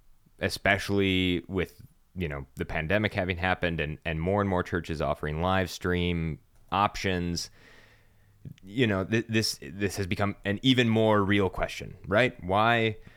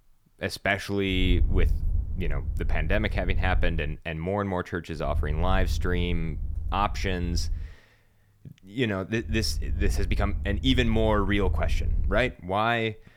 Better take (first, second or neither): first